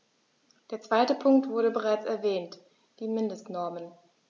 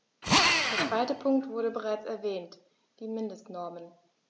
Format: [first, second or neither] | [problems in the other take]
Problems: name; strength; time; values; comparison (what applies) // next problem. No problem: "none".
first | background sound (Drill); 4 dB above the speech